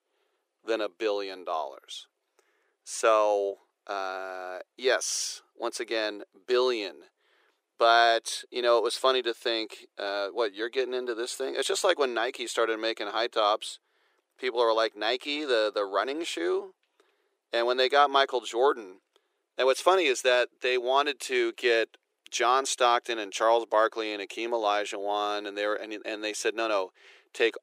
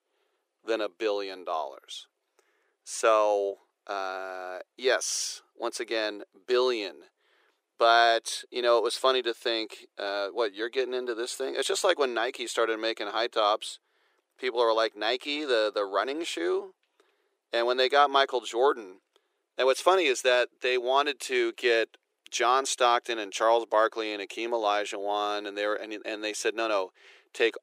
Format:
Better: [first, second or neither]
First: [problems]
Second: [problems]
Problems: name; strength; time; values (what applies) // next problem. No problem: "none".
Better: neither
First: thin; very; fading below 400 Hz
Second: thin; very; fading below 400 Hz